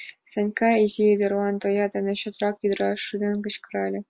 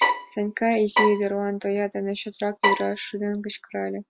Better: first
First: none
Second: background sound (Bowed string instrument); as loud as the speech

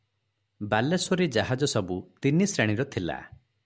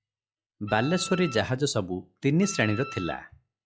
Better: first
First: none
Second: noise reduction (classical method log-MMSE)

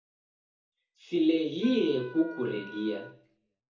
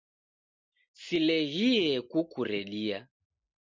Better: second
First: background sound (Wind instrument, woodwind instrument); 17 dB below the speech // room echo; dies away in 0.6 s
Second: none

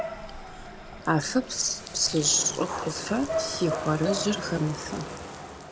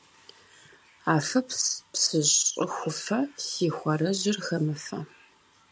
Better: second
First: background sound (Bathtub (filling or washing) + Bark / Motor vehicle (road) / Siren); 7 dB below the speech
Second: none

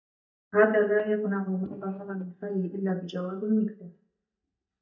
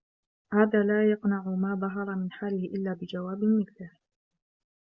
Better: second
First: noise reduction (neural mask model DeepFilterNet 3)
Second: none

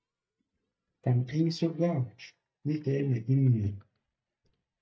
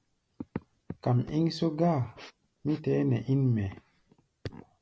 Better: second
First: noise reduction (neural mask model DeepFilterNet 3)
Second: none

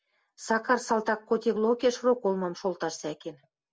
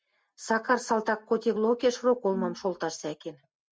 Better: first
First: none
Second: noise reduction (neural mask model RNNoise)

